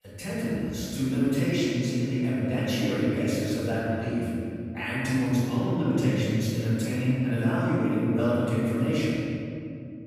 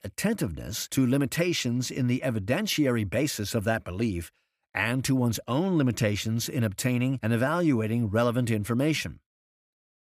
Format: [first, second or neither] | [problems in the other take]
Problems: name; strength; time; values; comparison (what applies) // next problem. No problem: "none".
second | room echo; strong; dies away in 2.6 s // off-mic speech; far